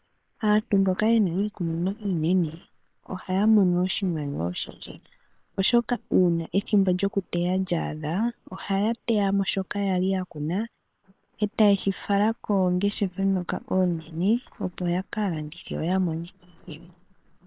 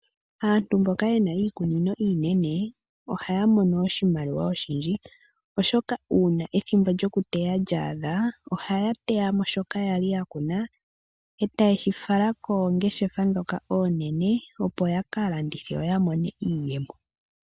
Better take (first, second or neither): second